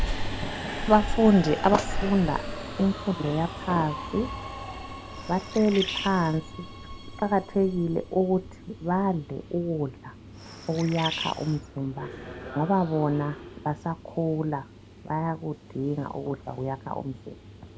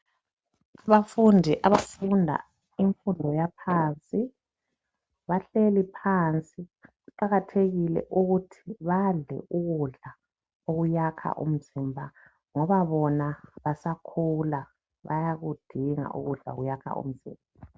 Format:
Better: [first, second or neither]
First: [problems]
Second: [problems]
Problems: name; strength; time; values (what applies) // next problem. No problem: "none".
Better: second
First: background sound (Bird + Subway, metro, underground); 8 dB below the speech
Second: none